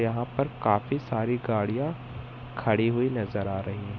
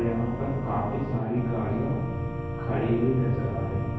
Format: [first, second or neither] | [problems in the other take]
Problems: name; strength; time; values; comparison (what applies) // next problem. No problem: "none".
first | background sound (Organ); 6 dB below the speech // room echo; dies away in 1.3 s